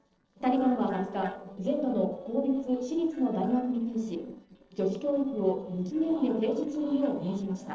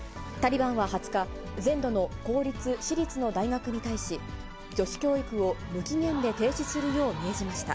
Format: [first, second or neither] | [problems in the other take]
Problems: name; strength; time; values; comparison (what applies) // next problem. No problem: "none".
second | noise reduction (neural separator model SepFormer DNS4)